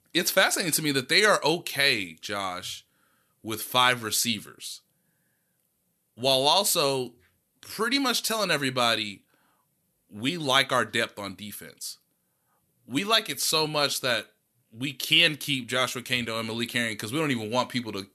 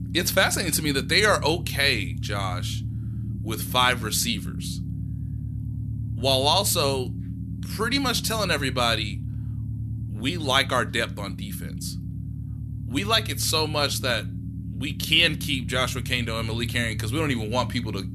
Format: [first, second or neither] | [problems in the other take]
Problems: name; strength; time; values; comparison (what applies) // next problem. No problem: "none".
first | low rumble; faint; throughout; 20 dB below the speech